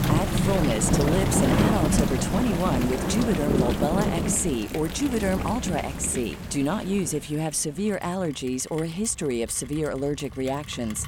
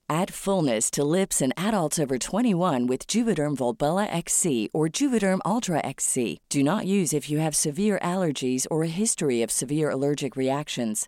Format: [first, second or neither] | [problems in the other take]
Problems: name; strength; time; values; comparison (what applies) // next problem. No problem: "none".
second | rain or running water; very loud; throughout; 1 dB above the speech